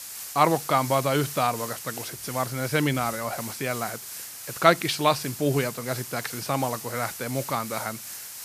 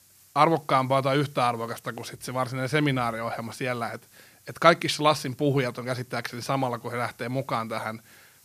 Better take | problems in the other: second | hiss; loud; throughout; 9 dB below the speech; faint in the second

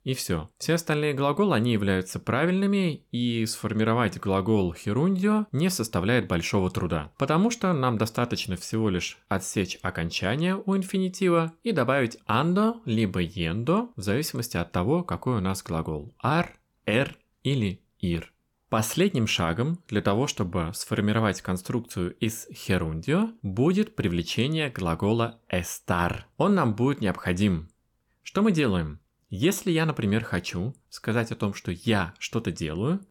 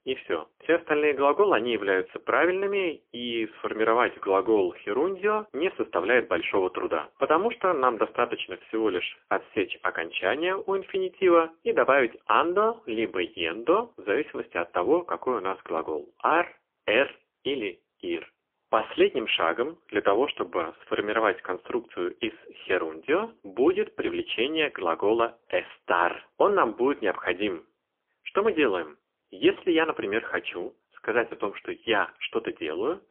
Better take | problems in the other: first | phone-call audio; poor line; nothing above 3.5 kHz

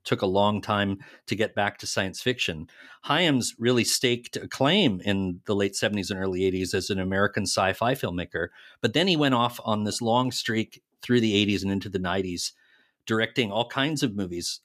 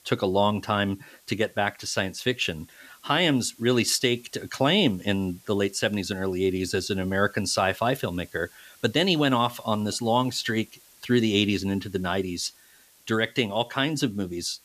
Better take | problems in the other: first | hiss; faint; throughout; 25 dB below the speech

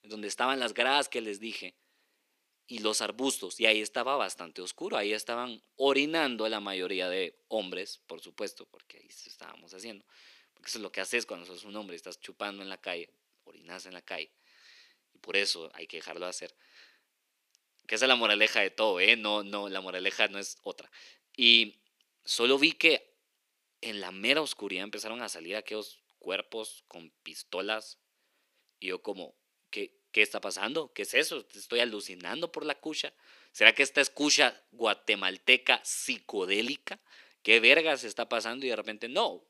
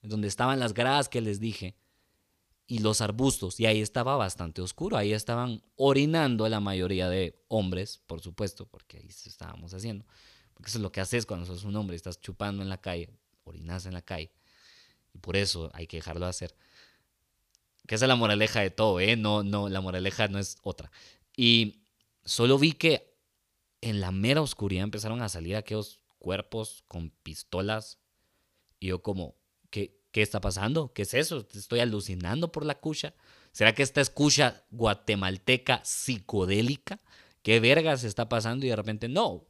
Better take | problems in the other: second | thin; somewhat; fading below 300 Hz

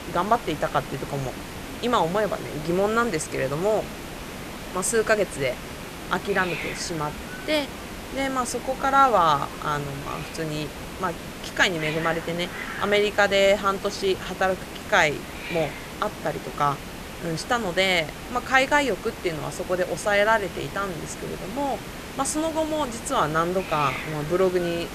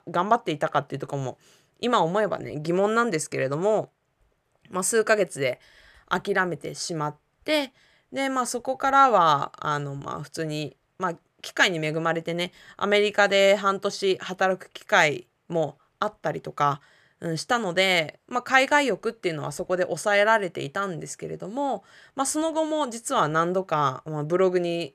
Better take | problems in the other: second | hiss; noticeable; throughout; 10 dB below the speech

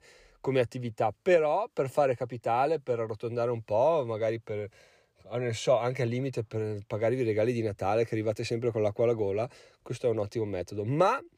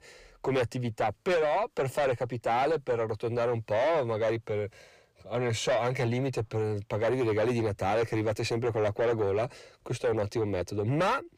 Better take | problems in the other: first | distortion; heavy; 7 dB below the speech

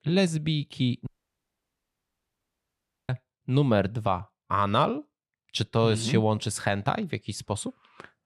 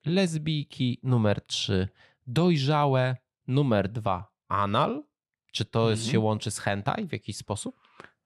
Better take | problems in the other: second | audio cutting out; at 1 s for 2 s

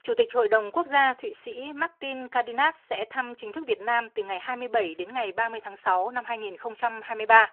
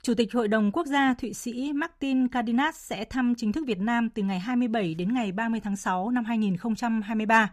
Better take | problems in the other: second | phone-call audio

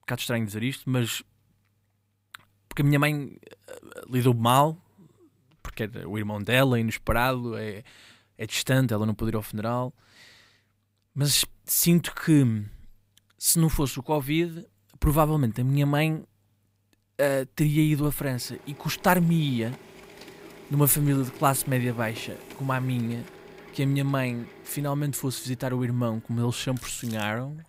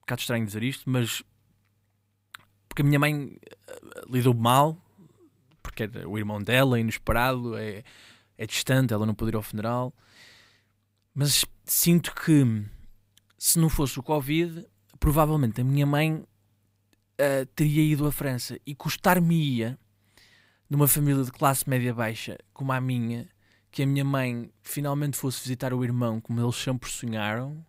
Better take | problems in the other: second | household noises; faint; from 18 s on; 20 dB below the speech

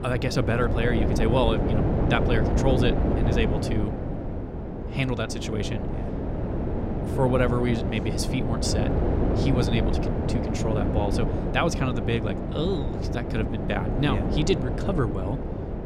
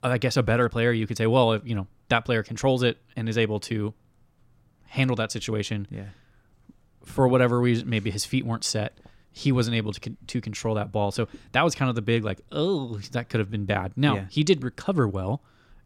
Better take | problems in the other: second | wind noise on the microphone; heavy; 3 dB below the speech

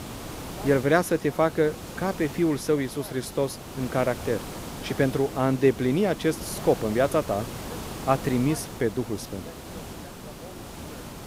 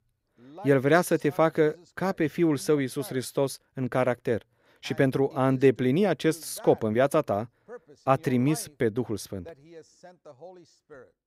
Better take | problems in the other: second | hiss; noticeable; throughout; 10 dB below the speech

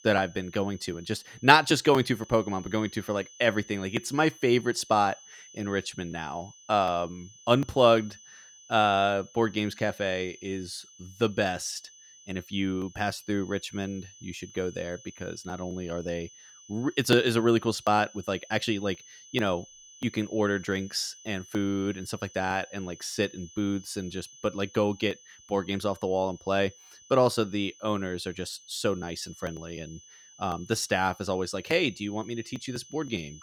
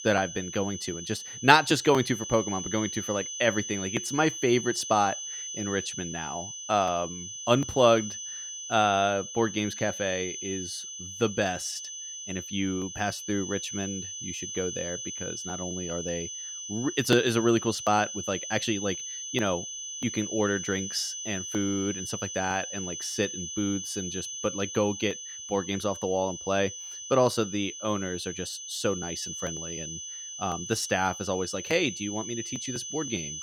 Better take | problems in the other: first | high-pitched whine; loud; throughout; 6 kHz, 7 dB below the speech; faint in the first

